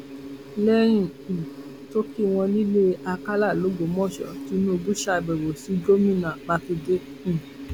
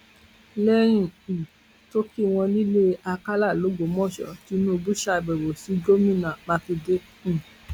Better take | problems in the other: second | background sound (Insect); 15 dB below the speech

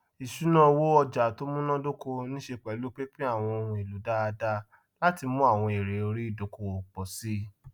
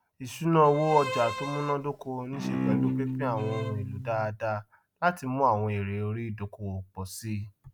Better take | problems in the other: first | background sound (Bowed string instrument); 3 dB below the speech

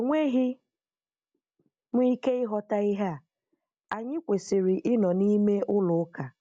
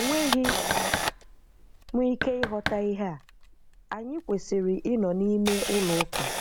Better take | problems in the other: first | background sound (Camera + Knock); 4 dB below the speech

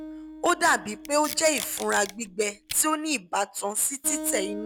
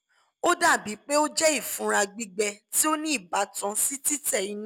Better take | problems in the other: second | background sound (Packing tape, duct tape + Acoustic guitar); 13 dB below the speech

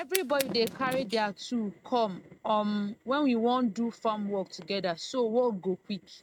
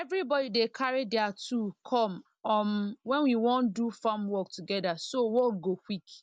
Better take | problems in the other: second | noise reduction (neural mask model RNNoise)

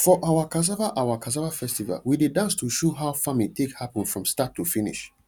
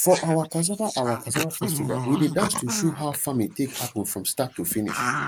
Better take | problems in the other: first | noise reduction (neural mask model Resemble Enhance denoiser)

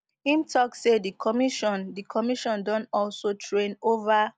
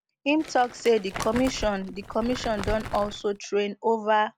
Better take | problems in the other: first | background sound (Crumpling, crinkling); 11 dB below the speech

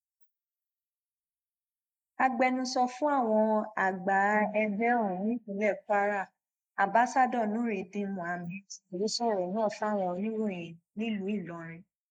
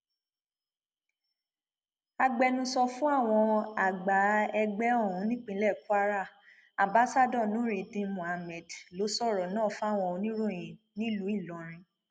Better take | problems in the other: second | noise reduction (neural mask model Resemble Enhance denoiser)

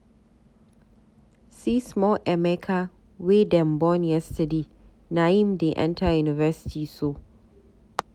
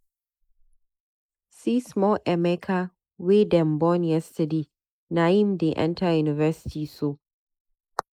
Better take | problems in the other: first | noise reduction (neural mask model Resemble Enhance denoiser)

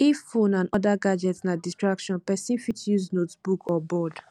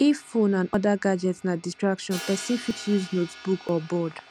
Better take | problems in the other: first | background sound (Crash cymbal); 18 dB below the speech

